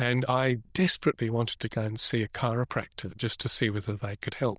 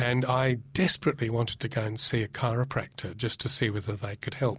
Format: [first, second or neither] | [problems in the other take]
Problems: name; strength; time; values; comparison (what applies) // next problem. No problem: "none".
second | noise reduction (neural diffusion model UNIVERSE++)